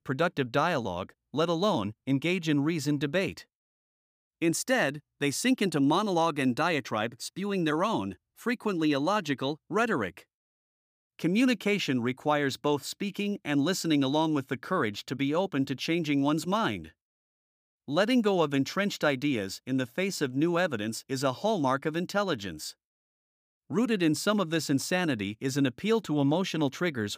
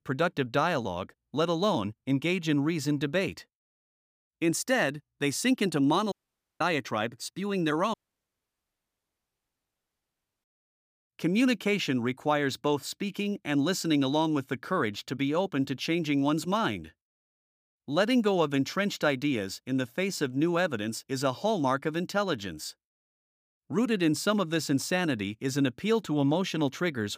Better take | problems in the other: first | audio cutting out; at 6 s and at 8 s for 2.5 s

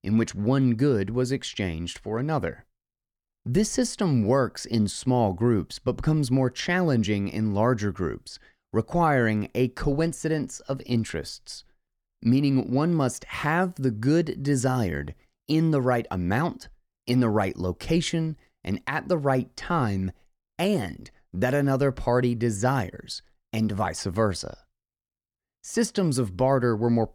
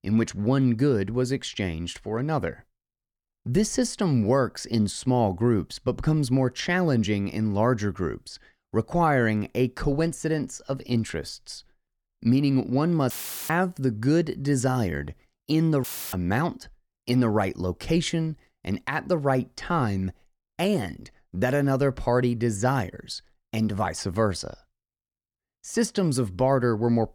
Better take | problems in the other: first | audio cutting out; filled with static; at 13 s and at 16 s

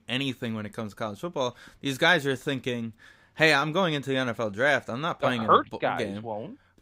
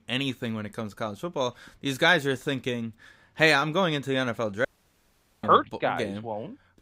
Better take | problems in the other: first | audio cutting out; at 4.5 s for 1 s

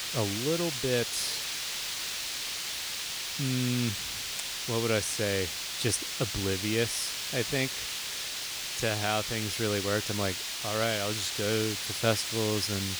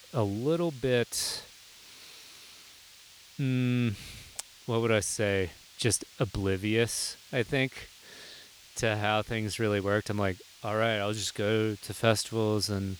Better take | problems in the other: second | hiss; loud; throughout; 1 dB below the speech; faint in the second

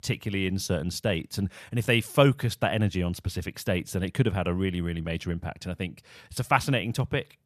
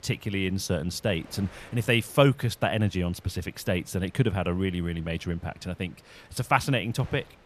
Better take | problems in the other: first | wind noise on the microphone; occasional gusts; 25 dB below the speech

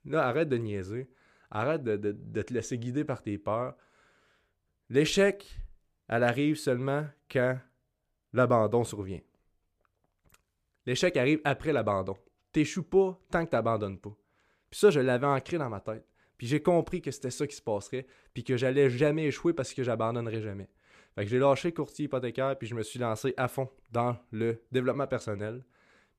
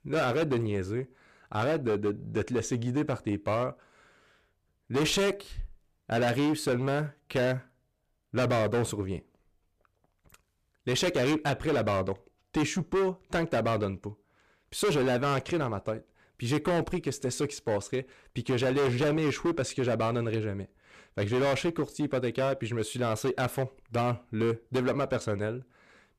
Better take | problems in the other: first | distortion; heavy; 13% of the sound clipped

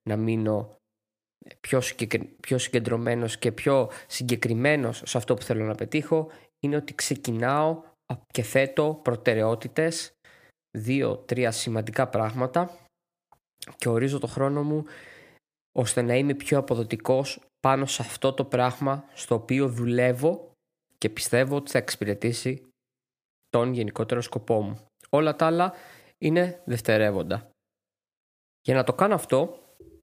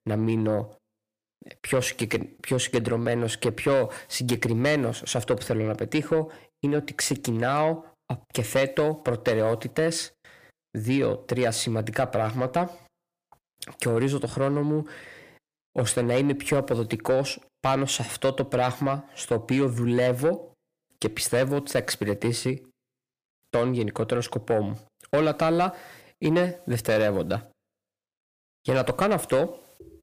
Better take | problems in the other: first | distortion; slight; 10 dB below the speech

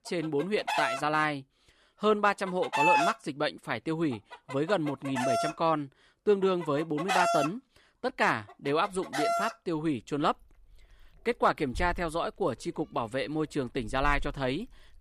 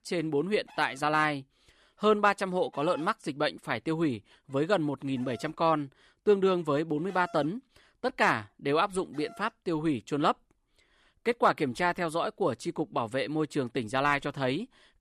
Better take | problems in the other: second | animal sounds; loud; throughout; 1 dB below the speech; faint in the second

